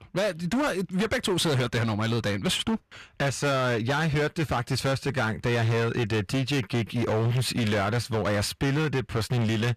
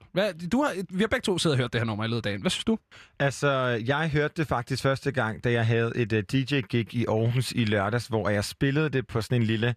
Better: second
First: distortion; heavy; 24% of the sound clipped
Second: none

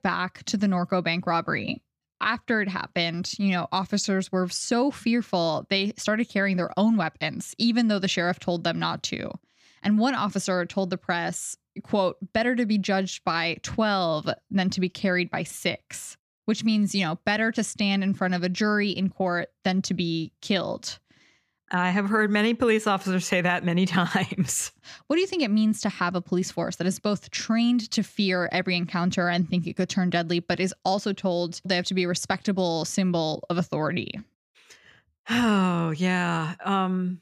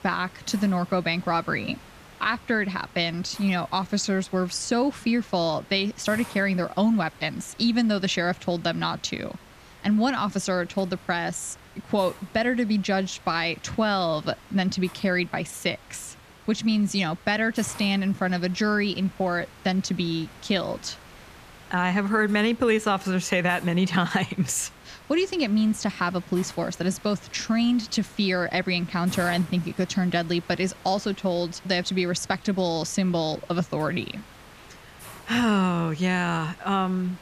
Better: first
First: none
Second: hiss; faint; throughout; 20 dB below the speech

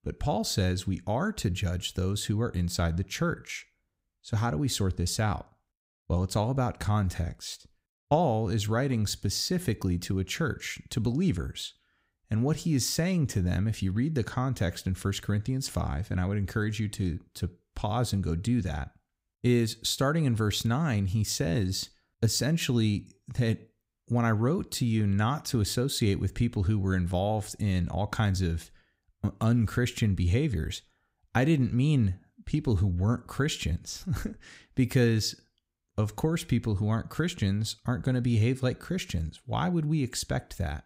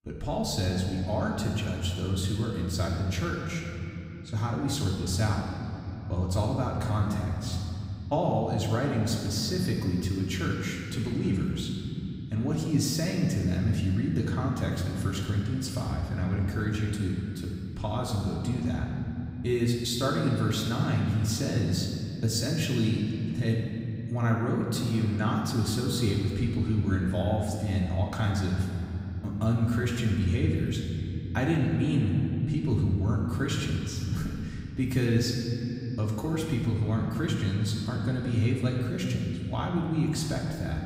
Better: first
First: none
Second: room echo; noticeable; dies away in 3 s // off-mic speech; far

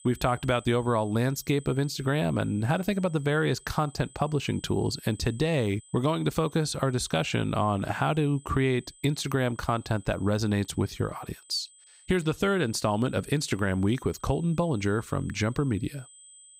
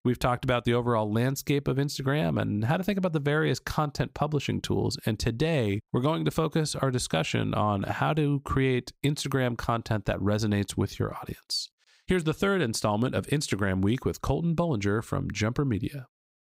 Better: second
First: high-pitched whine; faint; throughout; 8 kHz, 25 dB below the speech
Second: none

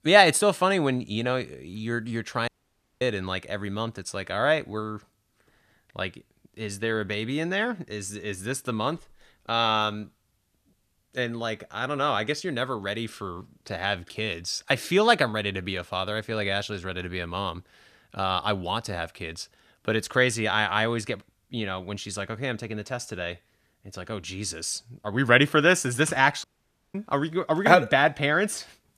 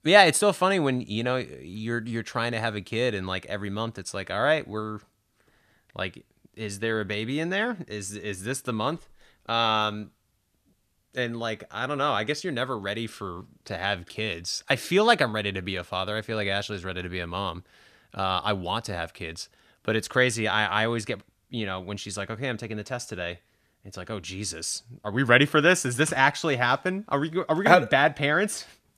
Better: second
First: audio cutting out; at 2.5 s for 0.5 s and at 26 s for 0.5 s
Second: none

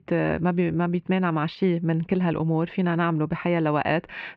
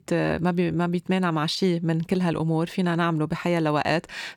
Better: second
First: muffled; very; fading above 2.5 kHz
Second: none

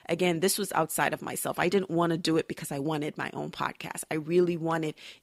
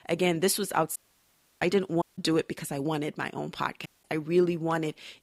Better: first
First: none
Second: audio cutting out; at 1 s for 0.5 s, at 2 s and at 4 s

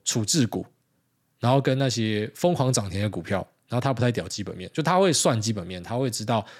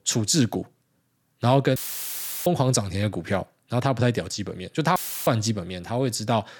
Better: first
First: none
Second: audio cutting out; filled with static; at 2 s for 0.5 s and at 5 s

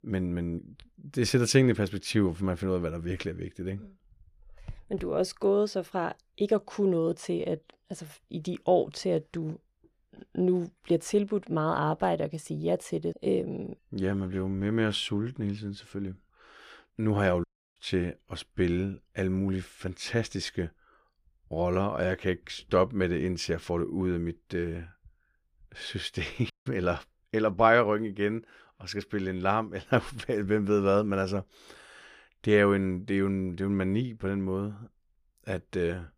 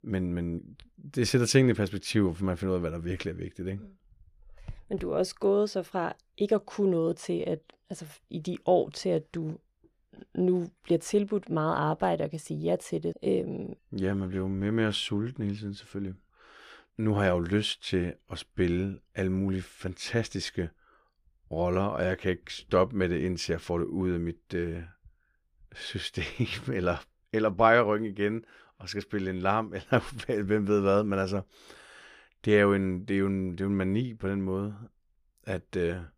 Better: second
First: audio cutting out; at 17 s and at 27 s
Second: none

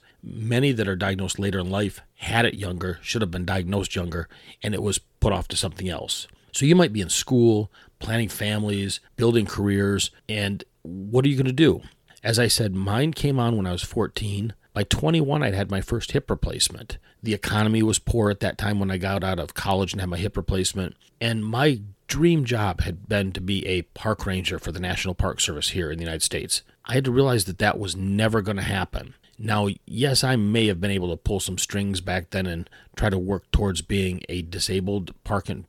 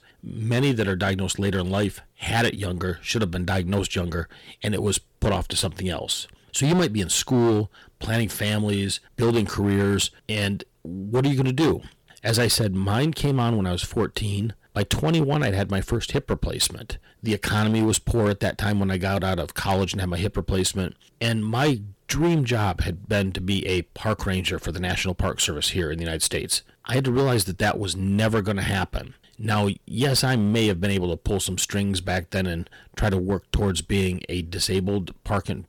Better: first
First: none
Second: distortion; slight; 6% of the sound clipped

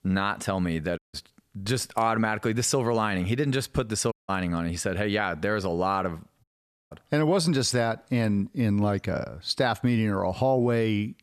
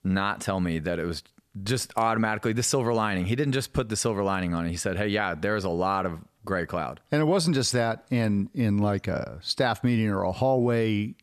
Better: second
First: audio cutting out; at 1 s, at 4 s and at 6.5 s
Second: none

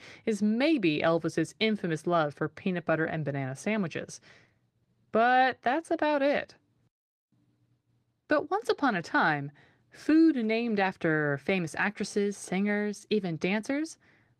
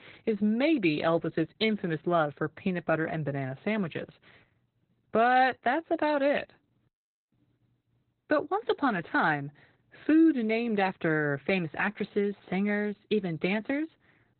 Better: first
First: garbled, watery; slightly; nothing above 15 kHz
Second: garbled, watery; badly; nothing above 4 kHz

